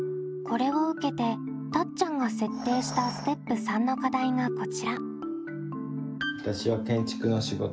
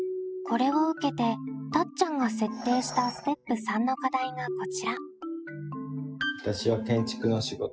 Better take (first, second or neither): first